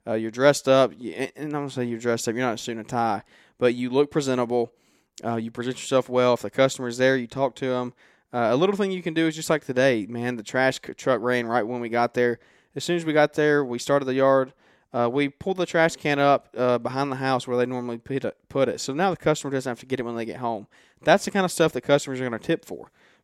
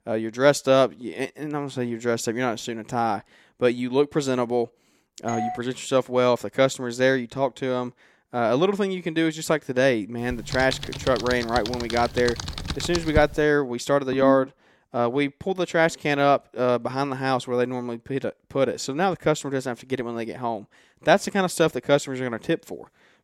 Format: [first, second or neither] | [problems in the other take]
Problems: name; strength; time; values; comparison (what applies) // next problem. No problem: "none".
first | doorbell; noticeable; at 5.5 s; peak 7 dB below the speech // keyboard typing; noticeable; from 10 to 13 s; peak 4 dB below the speech // phone ringing; noticeable; at 14 s; peak 1 dB below the speech